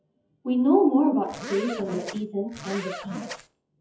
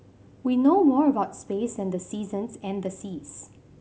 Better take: second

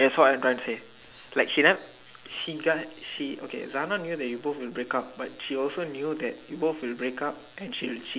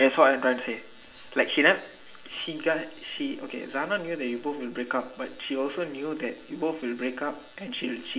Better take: first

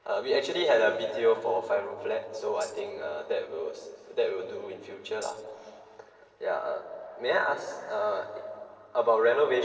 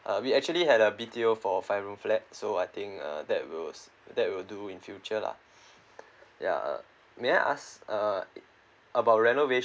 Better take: second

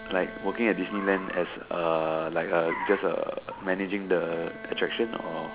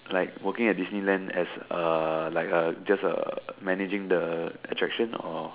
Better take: second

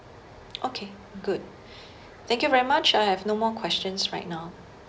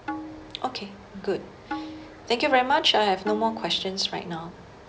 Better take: first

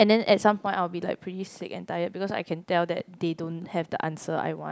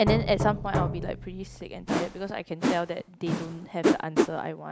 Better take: first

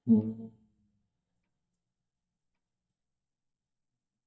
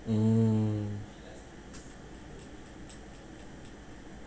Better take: second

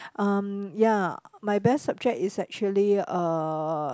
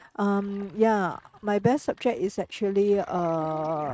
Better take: first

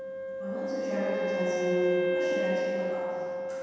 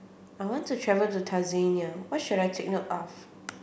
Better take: second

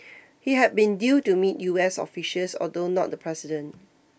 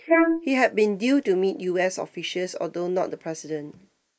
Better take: first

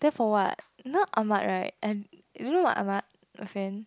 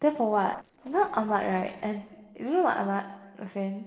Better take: first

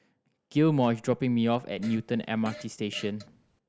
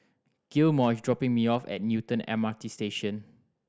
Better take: second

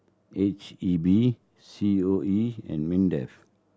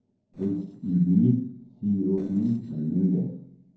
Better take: first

